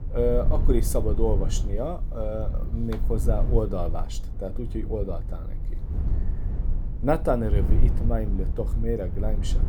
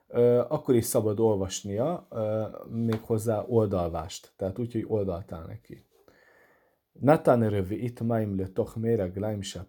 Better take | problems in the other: second | low rumble; noticeable; throughout; 15 dB below the speech

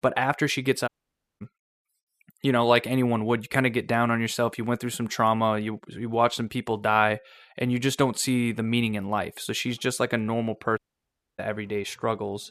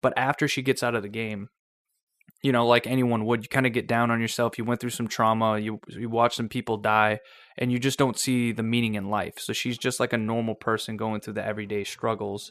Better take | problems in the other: second | audio cutting out; at 1 s for 0.5 s and at 11 s for 0.5 s

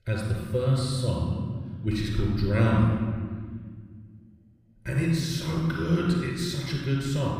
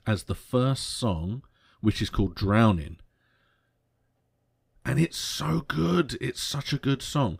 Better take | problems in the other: second | off-mic speech; somewhat distant // room echo; noticeable; dies away in 1.7 s

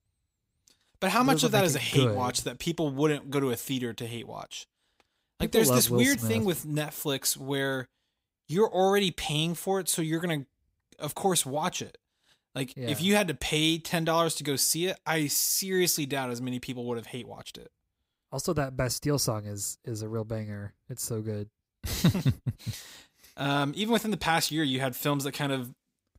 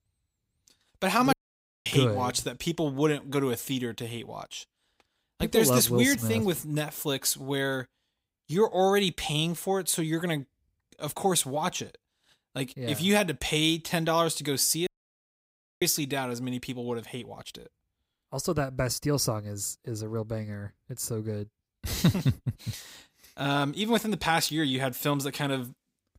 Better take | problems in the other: first | audio cutting out; at 1.5 s for 0.5 s and at 15 s for 1 s

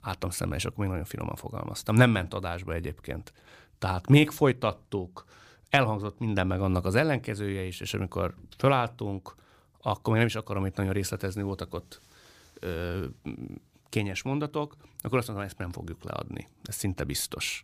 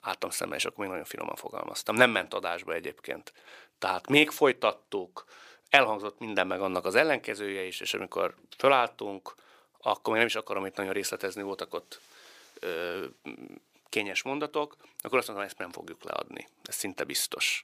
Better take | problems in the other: first | thin; somewhat; fading below 450 Hz

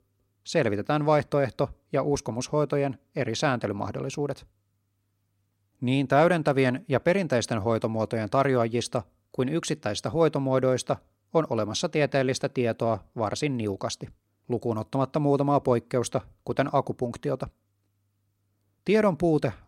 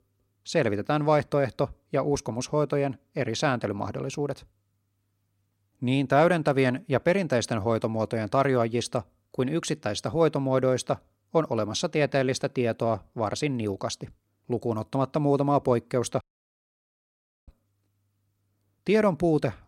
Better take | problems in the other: first | audio cutting out; at 16 s for 1.5 s

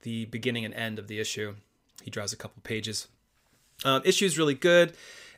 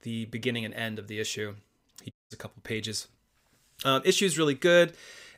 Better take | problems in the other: first | audio cutting out; at 2 s

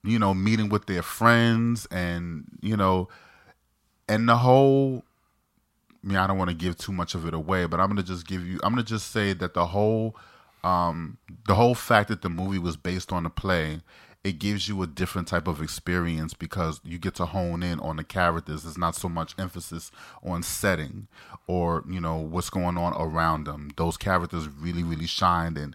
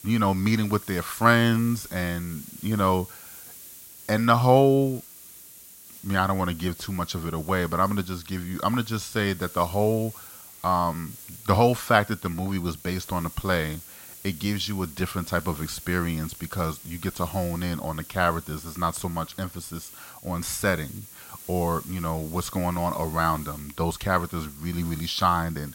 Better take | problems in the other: first | hiss; noticeable; throughout; 15 dB below the speech

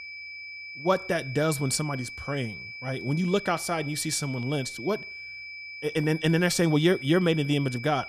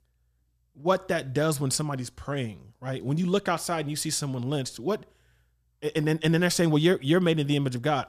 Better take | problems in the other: second | high-pitched whine; noticeable; throughout; 2.5 kHz, 10 dB below the speech

